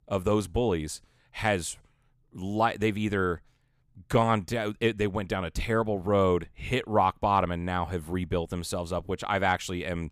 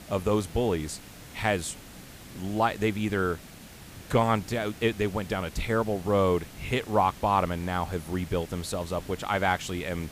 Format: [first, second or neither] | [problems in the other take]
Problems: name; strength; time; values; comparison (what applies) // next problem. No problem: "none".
first | hiss; noticeable; throughout; 15 dB below the speech